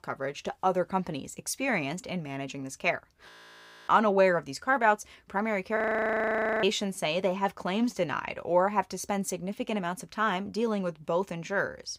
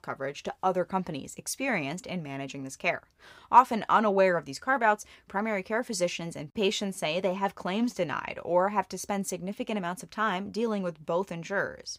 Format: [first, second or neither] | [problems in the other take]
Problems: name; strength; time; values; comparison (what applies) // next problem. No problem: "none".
second | audio freezing; at 3.5 s for 0.5 s and at 6 s for 1 s